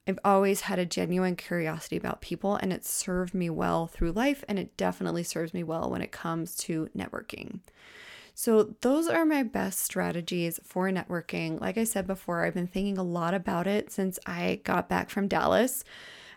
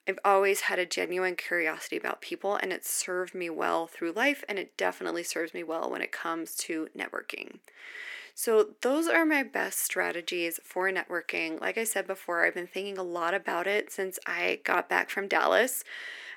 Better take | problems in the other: first | thin; somewhat; fading below 350 Hz

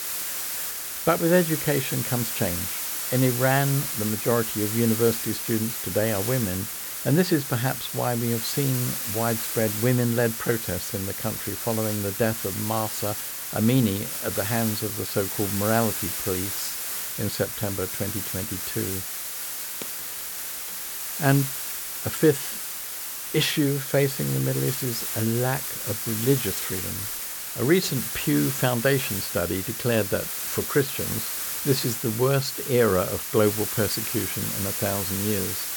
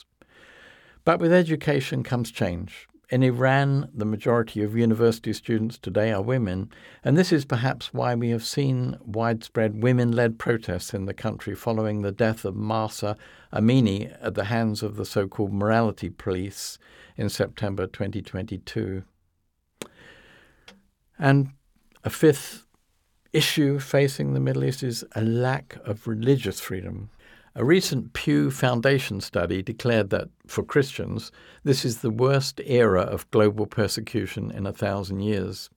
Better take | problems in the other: second | hiss; loud; throughout; 2 dB below the speech

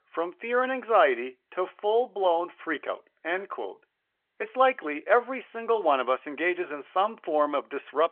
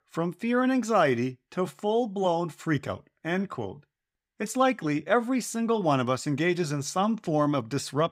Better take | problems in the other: second | phone-call audio

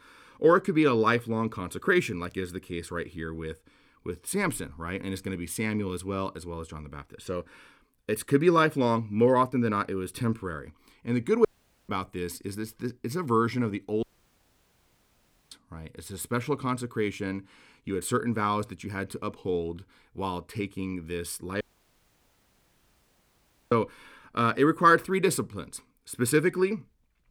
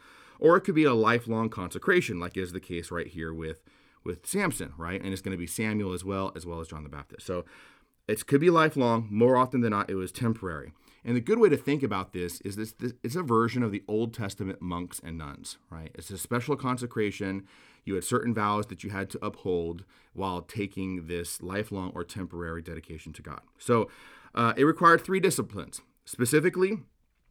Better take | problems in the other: second | audio cutting out; at 11 s, at 14 s for 1.5 s and at 22 s for 2 s

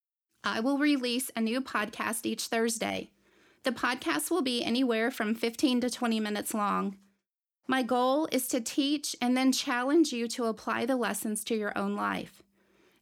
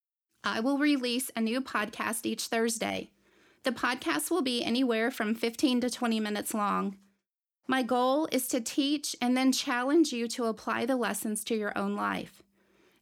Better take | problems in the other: neither | none

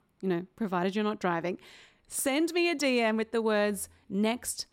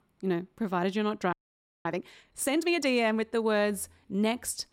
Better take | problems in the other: first | audio freezing; at 1.5 s for 0.5 s

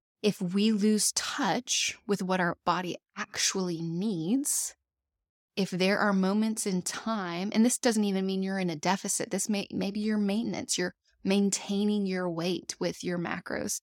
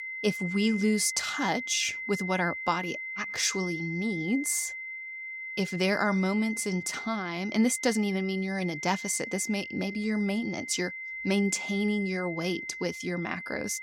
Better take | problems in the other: first | high-pitched whine; loud; throughout; 2 kHz, 7 dB below the speech

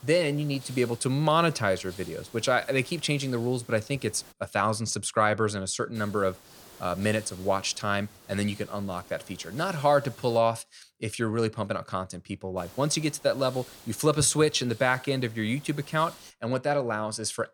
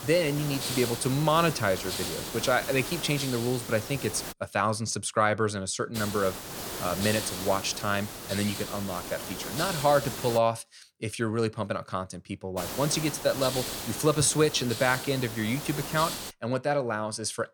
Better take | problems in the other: first | hiss; loud; until 4.5 s, from 6 to 10 s and from 13 to 16 s; 6 dB below the speech; faint in the first

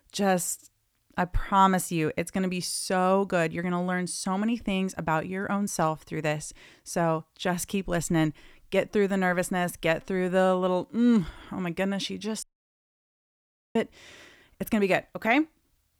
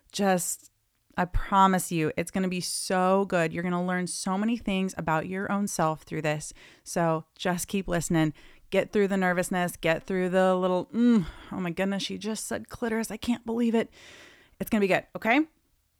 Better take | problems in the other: second | audio cutting out; at 12 s for 1.5 s

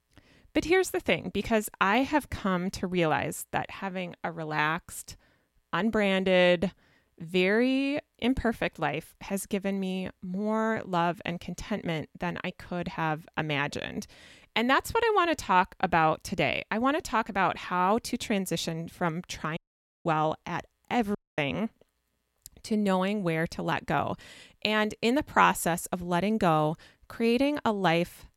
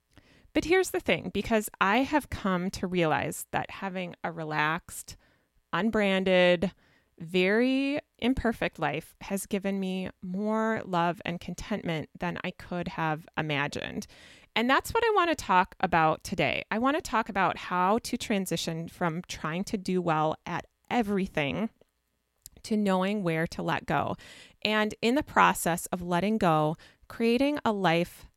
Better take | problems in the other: second | audio cutting out; at 20 s and at 21 s

